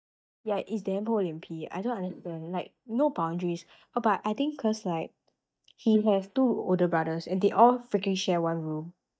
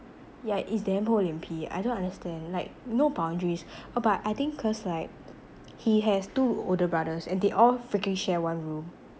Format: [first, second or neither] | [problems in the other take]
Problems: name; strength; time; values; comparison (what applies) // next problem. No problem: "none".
second | noise reduction (neural mask model DeepFilterNet 3)